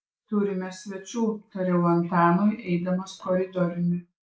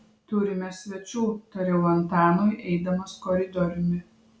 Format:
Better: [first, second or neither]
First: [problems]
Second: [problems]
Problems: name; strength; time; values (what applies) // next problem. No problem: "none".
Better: second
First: noise reduction (neural mask model Resemble Enhance denoiser)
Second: none